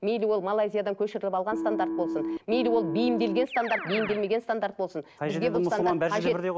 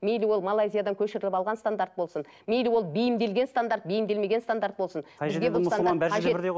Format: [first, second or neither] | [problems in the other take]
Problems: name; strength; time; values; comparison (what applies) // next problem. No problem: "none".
second | background sound (Keyboard (musical)); 8 dB below the speech